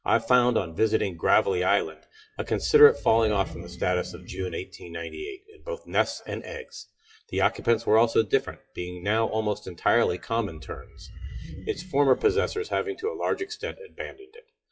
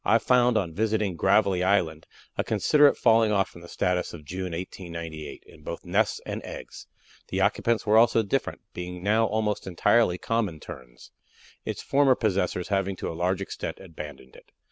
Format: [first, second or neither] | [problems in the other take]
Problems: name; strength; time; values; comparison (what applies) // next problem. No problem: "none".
second | noise reduction (classical method WPE with log-MMSE)